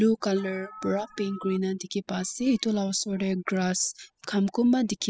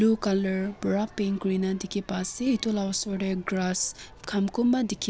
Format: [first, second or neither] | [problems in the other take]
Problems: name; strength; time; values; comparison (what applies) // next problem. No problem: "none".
second | noise reduction (classical method spectral subtraction)